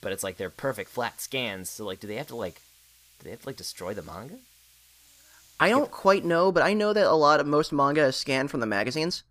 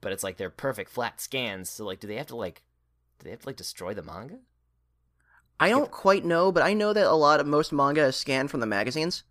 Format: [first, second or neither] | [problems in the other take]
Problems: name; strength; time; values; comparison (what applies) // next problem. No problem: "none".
second | hiss; faint; until 6.5 s; 30 dB below the speech